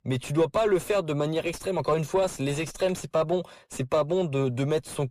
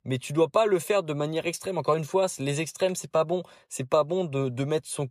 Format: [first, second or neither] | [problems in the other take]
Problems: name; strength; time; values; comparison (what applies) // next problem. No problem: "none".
second | distortion; slight; 10 dB below the speech